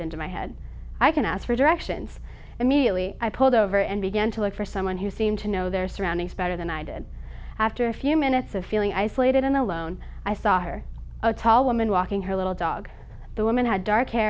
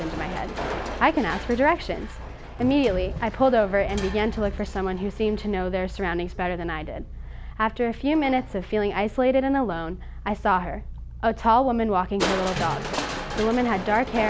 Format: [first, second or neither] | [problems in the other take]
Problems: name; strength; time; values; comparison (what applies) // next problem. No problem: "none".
first | background sound (Crushing); 11 dB below the speech